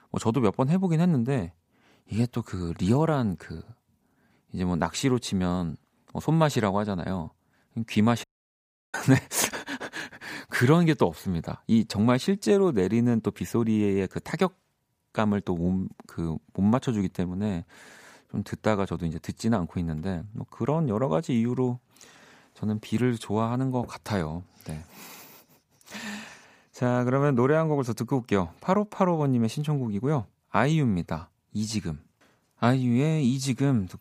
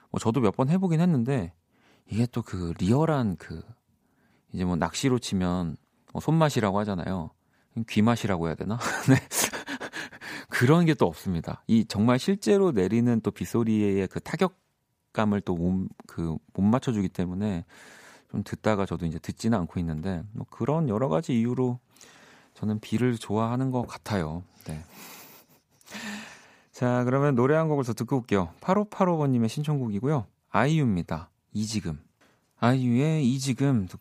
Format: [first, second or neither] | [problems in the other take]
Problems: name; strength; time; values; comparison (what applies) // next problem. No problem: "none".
second | audio cutting out; at 8 s for 0.5 s